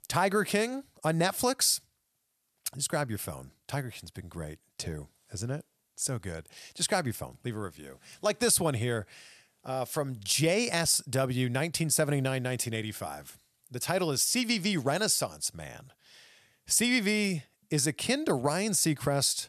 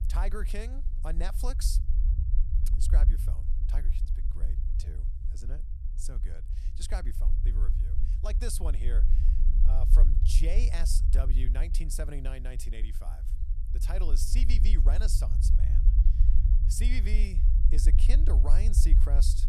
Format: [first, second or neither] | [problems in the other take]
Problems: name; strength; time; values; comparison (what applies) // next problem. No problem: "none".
first | low rumble; loud; throughout; 8 dB below the speech